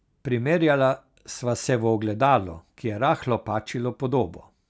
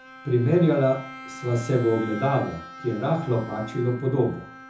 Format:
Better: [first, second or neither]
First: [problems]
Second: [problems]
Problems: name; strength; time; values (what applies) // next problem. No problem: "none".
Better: first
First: none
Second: background sound (Bowed string instrument); 16 dB below the speech // room echo; dies away in 0.5 s